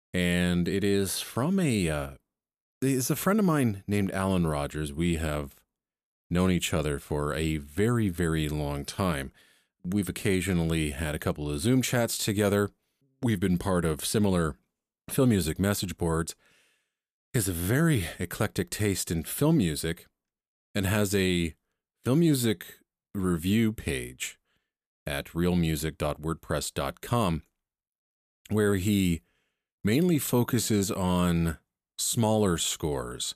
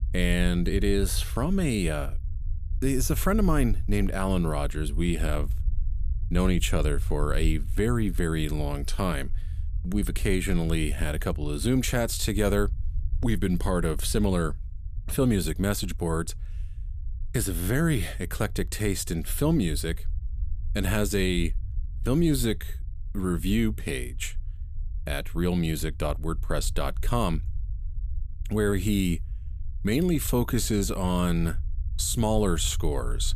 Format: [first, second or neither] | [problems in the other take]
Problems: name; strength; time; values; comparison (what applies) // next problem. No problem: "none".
first | low rumble; faint; throughout; 25 dB below the speech